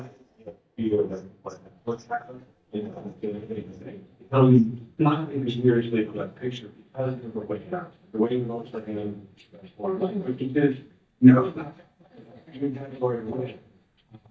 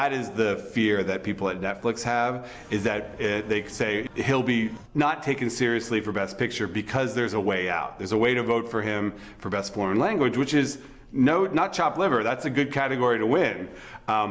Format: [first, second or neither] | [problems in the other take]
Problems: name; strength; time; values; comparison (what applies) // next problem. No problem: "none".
second | noise reduction (neural mask model DeepFilterNet 3)